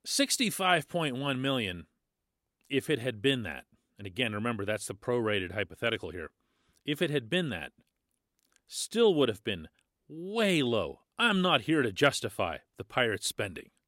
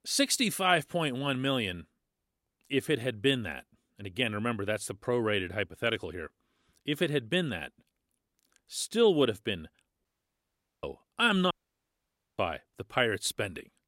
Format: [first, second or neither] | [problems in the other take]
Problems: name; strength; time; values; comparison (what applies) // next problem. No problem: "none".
first | audio cutting out; at 10 s for 1 s and at 12 s for 1 s